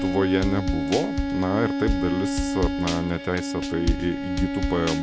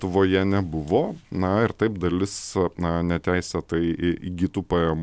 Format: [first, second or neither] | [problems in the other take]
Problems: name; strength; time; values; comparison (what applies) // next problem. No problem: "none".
second | background sound (Drum / Drum kit + Bowed string instrument); 1 dB above the speech